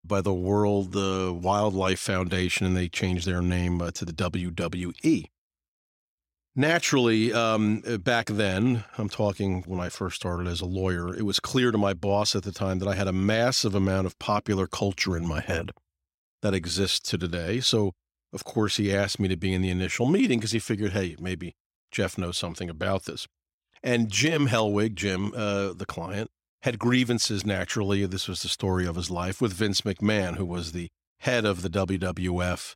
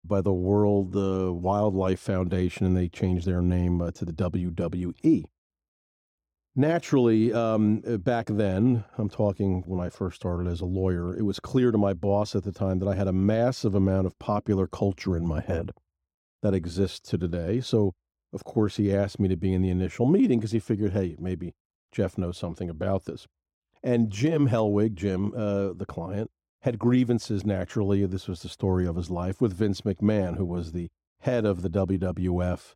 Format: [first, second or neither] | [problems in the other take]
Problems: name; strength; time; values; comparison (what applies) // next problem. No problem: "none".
first | muffled; slightly; fading above 1 kHz